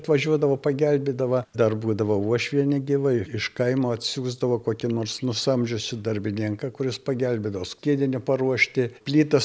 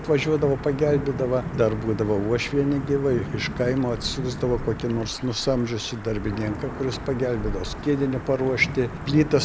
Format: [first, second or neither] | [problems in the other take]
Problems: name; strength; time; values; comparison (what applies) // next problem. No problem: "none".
first | background sound (Thunder / Wind / Rain); 8 dB below the speech